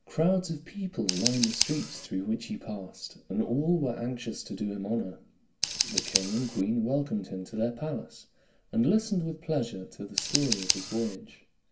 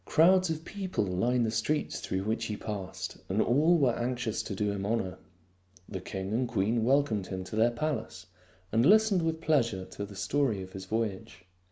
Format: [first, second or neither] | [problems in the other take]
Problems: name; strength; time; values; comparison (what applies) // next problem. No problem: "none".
second | background sound (Scissors); 6 dB below the speech // room echo; dies away in 0.2 s